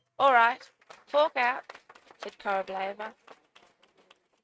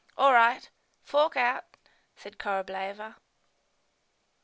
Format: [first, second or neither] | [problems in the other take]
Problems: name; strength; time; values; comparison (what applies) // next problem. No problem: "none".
second | noise reduction (neural mask model RNNoise)